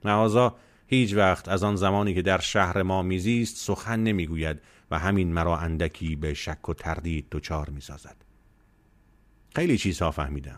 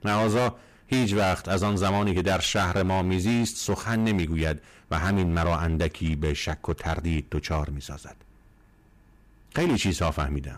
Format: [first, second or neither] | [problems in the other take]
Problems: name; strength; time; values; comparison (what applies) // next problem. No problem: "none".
first | distortion; heavy; 13% of the sound clipped